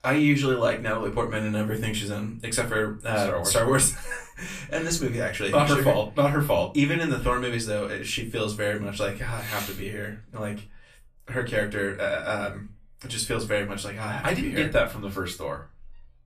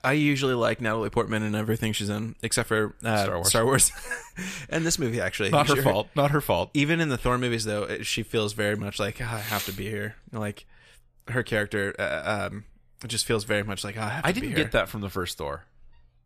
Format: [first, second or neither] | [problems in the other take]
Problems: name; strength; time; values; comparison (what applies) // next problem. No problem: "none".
second | off-mic speech; far // room echo; very slight; dies away in 0.2 s